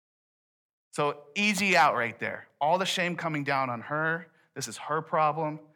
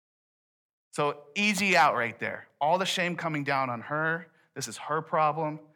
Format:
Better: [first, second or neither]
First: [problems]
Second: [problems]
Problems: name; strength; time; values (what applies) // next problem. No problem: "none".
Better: neither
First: none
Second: none